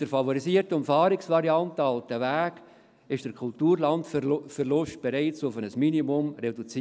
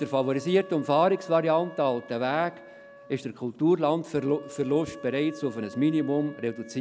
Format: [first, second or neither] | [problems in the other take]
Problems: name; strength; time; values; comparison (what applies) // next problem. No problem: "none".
first | background sound (Wind instrument, woodwind instrument); 19 dB below the speech